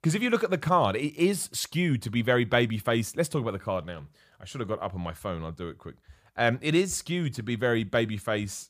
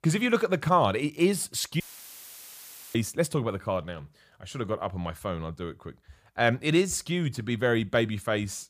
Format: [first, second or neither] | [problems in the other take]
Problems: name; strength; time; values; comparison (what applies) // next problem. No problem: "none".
first | audio cutting out; filled with static; at 2 s for 1 s